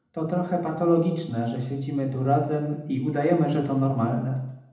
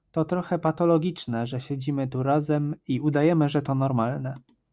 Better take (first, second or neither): second